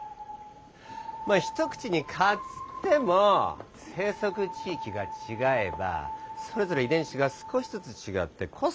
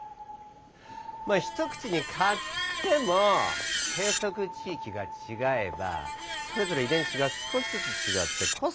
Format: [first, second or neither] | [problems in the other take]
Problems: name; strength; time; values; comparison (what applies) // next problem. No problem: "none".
first | background sound (Screech); 4 dB below the speech